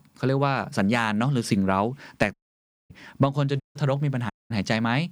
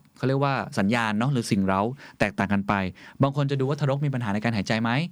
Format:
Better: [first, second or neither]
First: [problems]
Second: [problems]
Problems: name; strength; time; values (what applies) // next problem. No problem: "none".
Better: second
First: audio cutting out; at 2.5 s for 0.5 s, at 3.5 s and at 4.5 s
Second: none